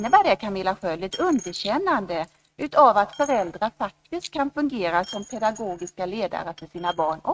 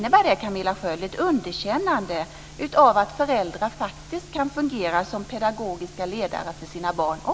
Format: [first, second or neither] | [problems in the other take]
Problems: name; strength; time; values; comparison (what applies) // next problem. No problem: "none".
second | noise reduction (neural mask model RNNoise)